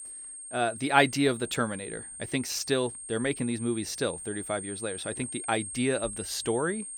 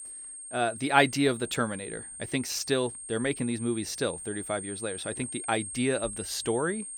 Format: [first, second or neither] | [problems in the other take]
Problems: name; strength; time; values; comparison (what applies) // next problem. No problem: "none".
neither | high-pitched whine; loud; throughout; 8.5 kHz, 9 dB below the speech; the same in both